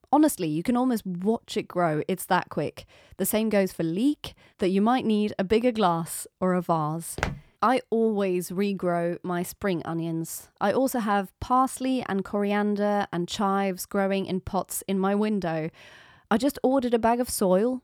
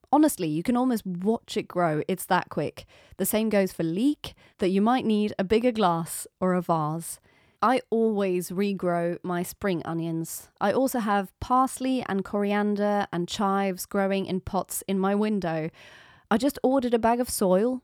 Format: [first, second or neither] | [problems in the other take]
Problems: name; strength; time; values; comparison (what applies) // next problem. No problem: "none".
second | footsteps; noticeable; at 7 s; peak 6 dB below the speech